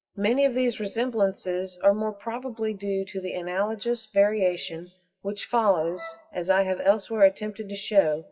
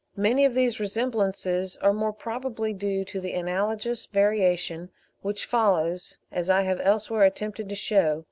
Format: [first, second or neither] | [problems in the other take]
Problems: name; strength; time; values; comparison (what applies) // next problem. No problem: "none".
second | noise reduction (classical method WPE with log-MMSE)